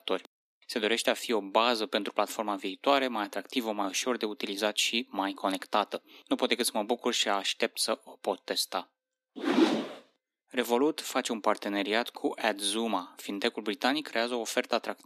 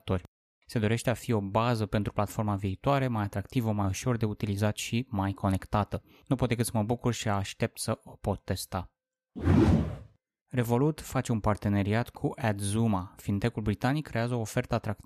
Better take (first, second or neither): second